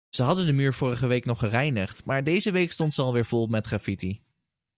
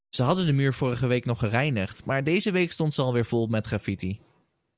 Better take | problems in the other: second | noise reduction (neural mask model DeepFilterNet 3)

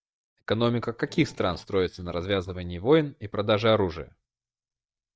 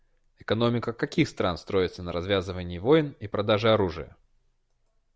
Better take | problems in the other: second | noise reduction (neural mask model DeepFilterNet 3)

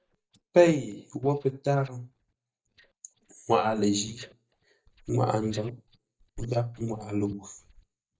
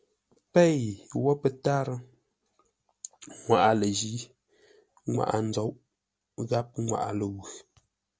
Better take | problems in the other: second | noise reduction (neural mask model DeepFilterNet 3)

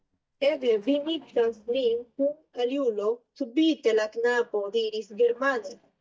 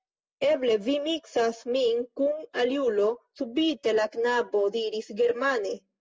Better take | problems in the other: second | noise reduction (neural mask model DeepFilterNet 3)

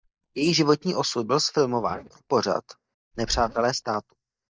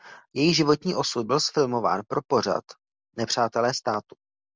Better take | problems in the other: second | noise reduction (neural mask model DeepFilterNet 3)

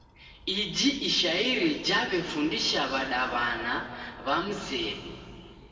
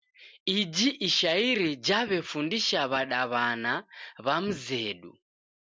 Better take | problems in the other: second | background sound (Traffic noise, roadway noise / Bicycle); 18 dB below the speech // room echo; dies away in 2.2 s

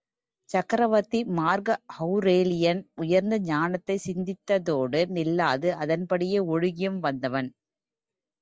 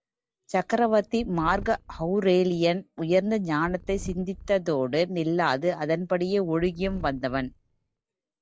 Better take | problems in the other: first | background sound (Purr); 17 dB below the speech

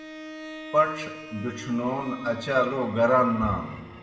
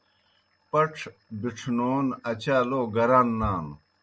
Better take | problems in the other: second | background sound (Bowed string instrument); 15 dB below the speech // room echo; dies away in 1.9 s

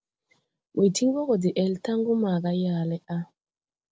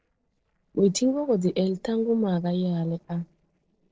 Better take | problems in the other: first | noise reduction (neural separator model SepFormer DNS4)

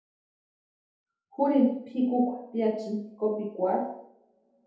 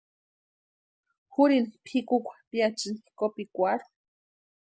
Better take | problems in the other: second | room echo; dies away in 0.8 s

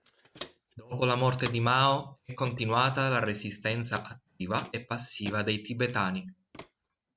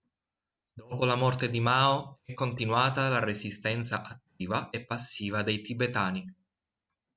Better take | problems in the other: second | background sound (Walk, footsteps); 19 dB below the speech

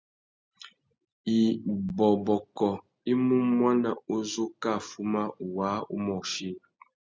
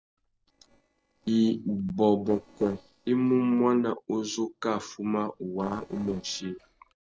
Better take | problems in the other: first | noise reduction (neural separator model SepFormer DNS4)

